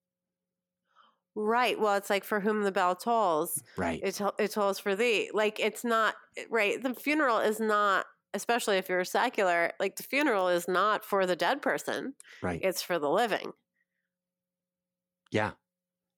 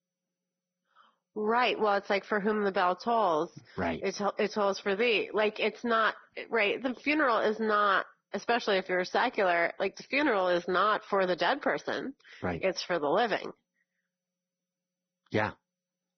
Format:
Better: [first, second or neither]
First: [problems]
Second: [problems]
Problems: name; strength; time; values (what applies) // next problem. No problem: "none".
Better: first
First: none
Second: garbled, watery; badly; nothing above 6 kHz